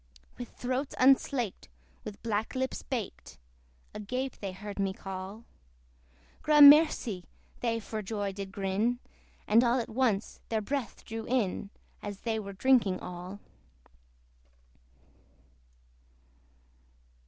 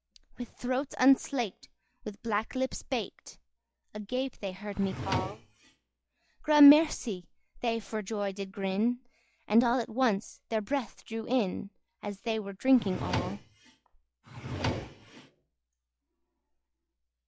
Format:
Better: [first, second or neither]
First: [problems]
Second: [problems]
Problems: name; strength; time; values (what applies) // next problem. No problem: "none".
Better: first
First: none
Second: noise reduction (classical method log-MMSE)